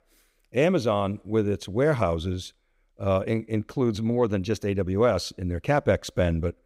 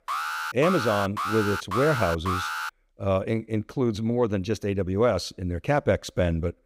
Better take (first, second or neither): first